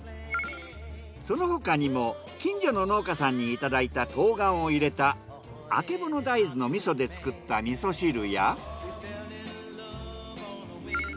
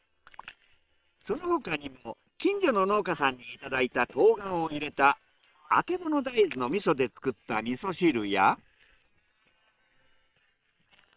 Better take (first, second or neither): first